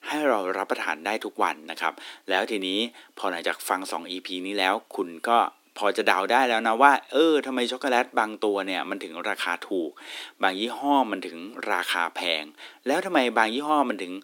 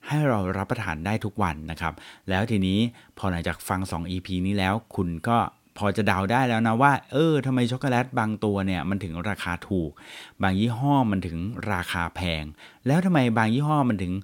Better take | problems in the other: second | thin; somewhat; fading below 300 Hz

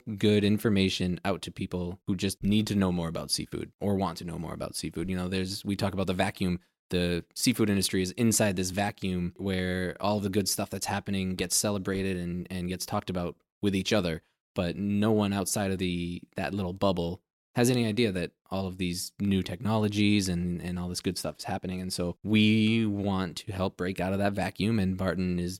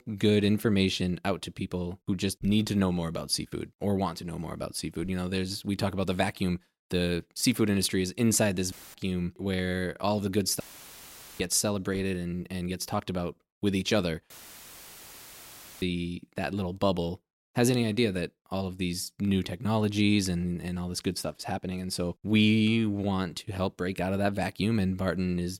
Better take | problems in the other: first | audio cutting out; filled with static; at 8.5 s, at 11 s for 1 s and at 14 s for 1.5 s

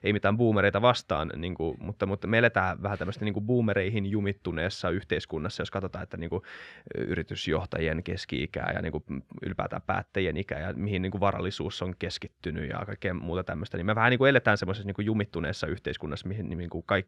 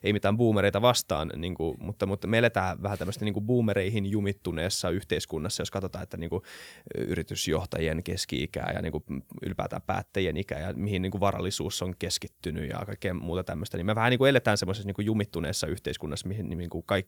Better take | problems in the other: second | muffled; slightly; fading above 3 kHz

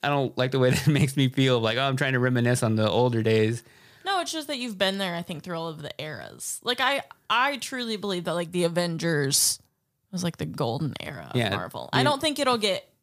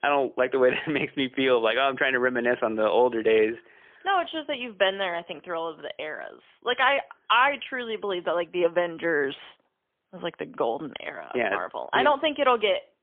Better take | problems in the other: first | phone-call audio; poor line; nothing above 3.5 kHz

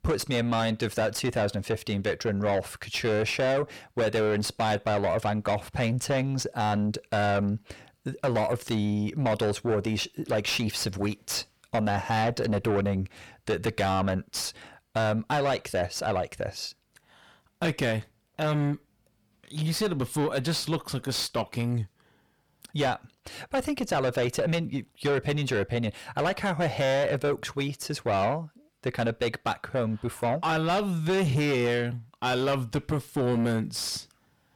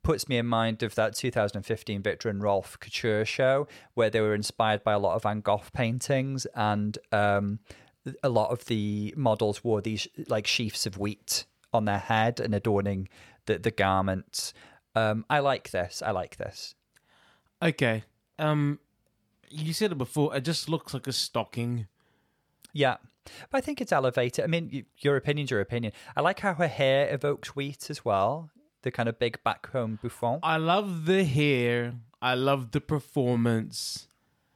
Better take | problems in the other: second | distortion; heavy; 7 dB below the speech

